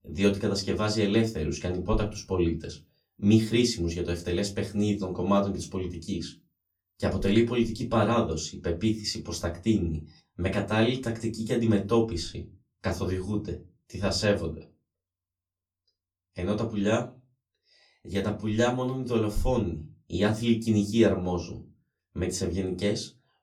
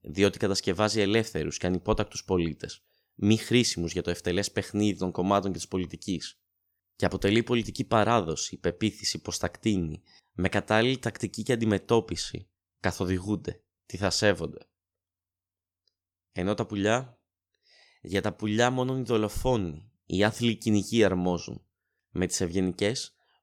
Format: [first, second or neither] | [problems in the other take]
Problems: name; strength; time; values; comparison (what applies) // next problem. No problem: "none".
second | off-mic speech; far // room echo; very slight; dies away in 0.2 s